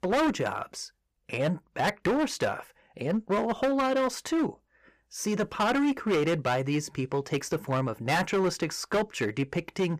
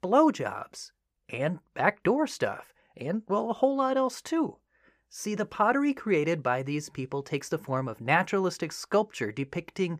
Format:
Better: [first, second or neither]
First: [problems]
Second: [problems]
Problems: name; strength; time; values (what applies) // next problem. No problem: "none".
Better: second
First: distortion; heavy; 12% of the sound clipped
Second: none